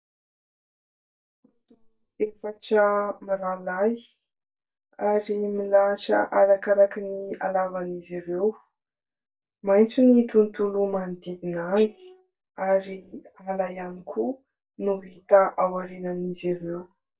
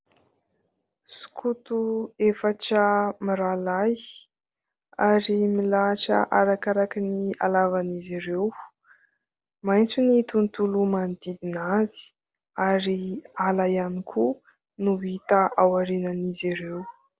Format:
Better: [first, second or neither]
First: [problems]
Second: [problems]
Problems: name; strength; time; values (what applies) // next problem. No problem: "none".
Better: second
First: noise reduction (neural mask model DeepFilterNet 3)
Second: none